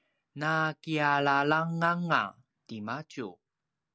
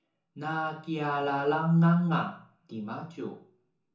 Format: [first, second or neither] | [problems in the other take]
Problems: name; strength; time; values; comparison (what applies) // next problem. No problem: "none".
first | room echo; dies away in 0.7 s